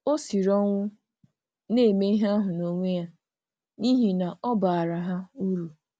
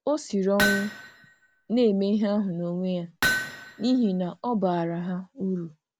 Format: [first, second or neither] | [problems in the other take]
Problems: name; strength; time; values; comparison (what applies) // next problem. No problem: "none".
first | background sound (Hammer); 4 dB below the speech